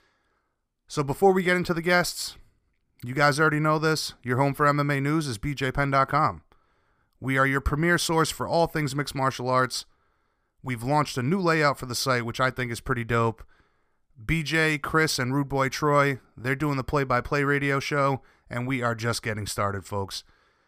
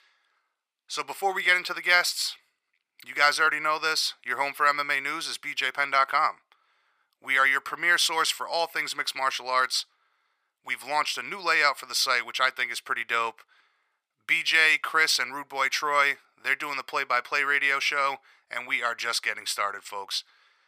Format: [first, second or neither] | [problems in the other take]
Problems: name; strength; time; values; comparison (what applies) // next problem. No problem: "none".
first | thin; very; fading below 850 Hz